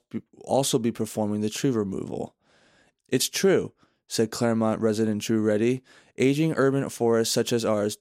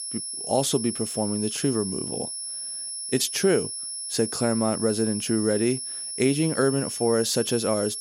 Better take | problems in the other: first | high-pitched whine; loud; throughout; 10.5 kHz, 5 dB below the speech

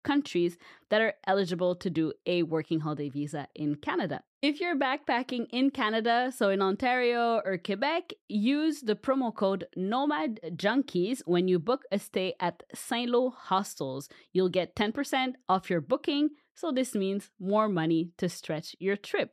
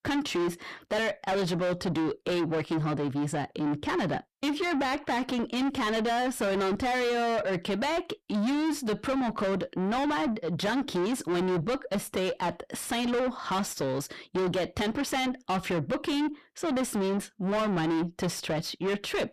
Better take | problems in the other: first | distortion; heavy; 6 dB below the speech

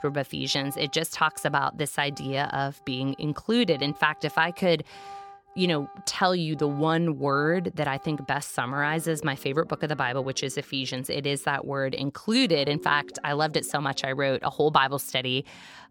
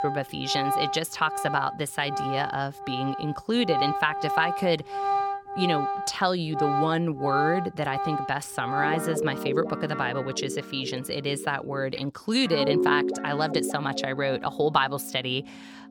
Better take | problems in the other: first | background music; loud; throughout; 3 dB below the speech; faint in the first

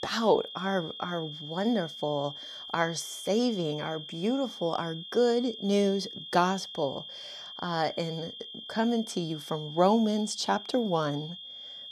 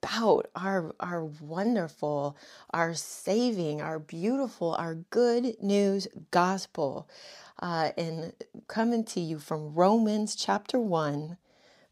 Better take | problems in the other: second | high-pitched whine; noticeable; throughout; 3.5 kHz, 10 dB below the speech

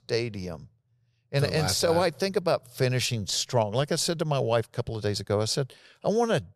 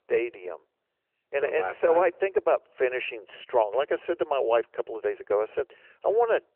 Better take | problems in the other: first | phone-call audio; nothing above 3 kHz

